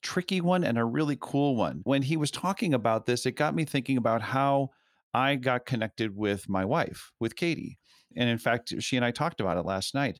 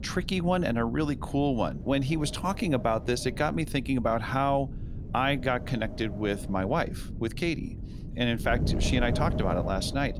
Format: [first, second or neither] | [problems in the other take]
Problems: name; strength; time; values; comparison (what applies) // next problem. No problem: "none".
first | wind noise on the microphone; occasional gusts; 15 dB below the speech